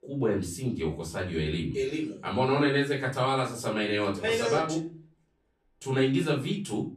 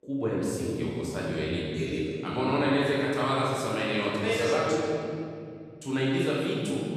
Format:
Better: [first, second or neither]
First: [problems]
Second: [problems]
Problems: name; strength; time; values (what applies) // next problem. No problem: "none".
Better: first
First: room echo; slight; dies away in 0.4 s // off-mic speech; far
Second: room echo; strong; dies away in 2.5 s // off-mic speech; far